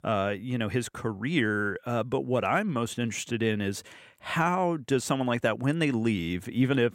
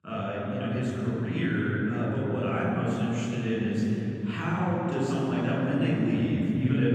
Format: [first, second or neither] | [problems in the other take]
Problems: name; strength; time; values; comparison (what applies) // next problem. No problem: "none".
first | room echo; strong; dies away in 3 s // off-mic speech; far